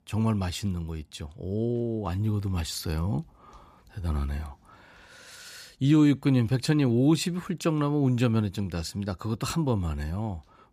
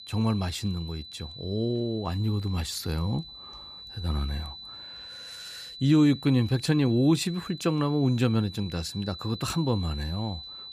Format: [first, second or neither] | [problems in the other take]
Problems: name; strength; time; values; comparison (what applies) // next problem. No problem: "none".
first | high-pitched whine; noticeable; throughout; 4 kHz, 15 dB below the speech